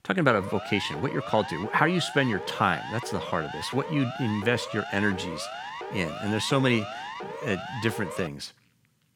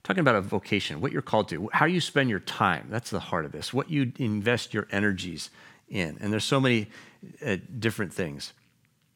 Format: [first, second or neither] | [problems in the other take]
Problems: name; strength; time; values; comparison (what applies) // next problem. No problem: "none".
second | siren; noticeable; until 8.5 s; peak 9 dB below the speech